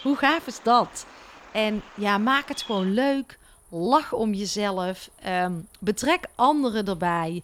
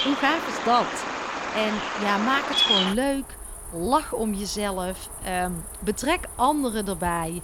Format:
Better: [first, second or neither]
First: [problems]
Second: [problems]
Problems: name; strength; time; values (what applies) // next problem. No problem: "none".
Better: first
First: animal sounds; faint; throughout; 20 dB below the speech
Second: animal sounds; loud; throughout; 3 dB below the speech